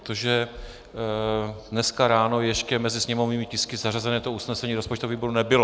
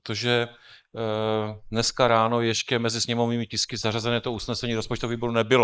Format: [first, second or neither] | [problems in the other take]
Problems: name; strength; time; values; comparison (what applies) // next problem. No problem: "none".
first | noise reduction (neural mask model Resemble Enhance denoiser)